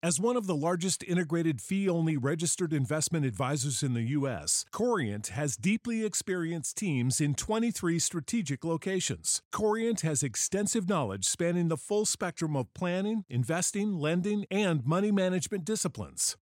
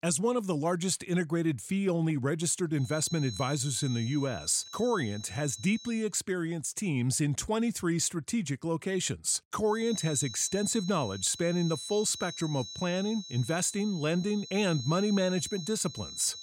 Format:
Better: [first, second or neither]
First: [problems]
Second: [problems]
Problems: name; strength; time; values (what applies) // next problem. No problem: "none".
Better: first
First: none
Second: high-pitched whine; noticeable; from 3 to 6 s and from 10 s on; 4 kHz, 10 dB below the speech